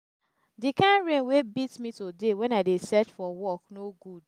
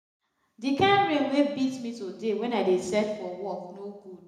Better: first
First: none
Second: room echo; dies away in 0.9 s

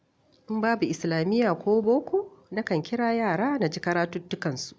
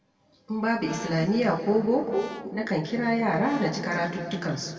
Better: first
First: none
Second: background sound (Brass instrument); 19 dB below the speech // room echo; dies away in 2.1 s

